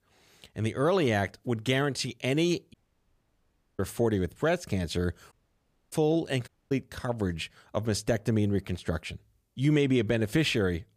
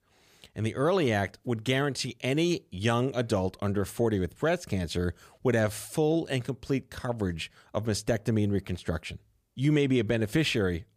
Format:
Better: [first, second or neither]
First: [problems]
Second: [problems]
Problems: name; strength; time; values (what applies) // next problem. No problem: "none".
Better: second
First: audio cutting out; at 2.5 s for 1 s, at 5.5 s for 0.5 s and at 6.5 s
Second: none